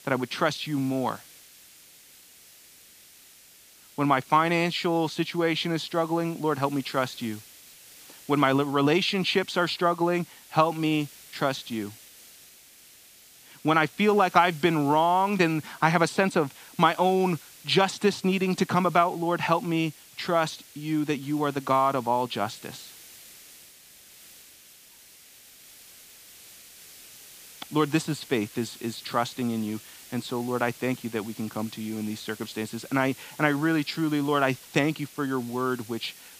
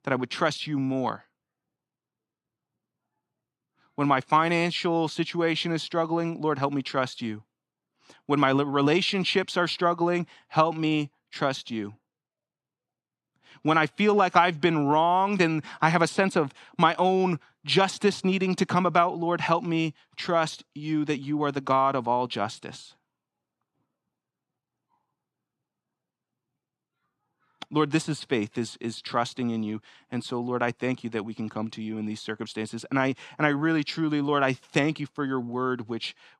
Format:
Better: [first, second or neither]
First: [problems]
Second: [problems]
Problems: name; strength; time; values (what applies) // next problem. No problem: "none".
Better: second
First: hiss; faint; throughout; 20 dB below the speech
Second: none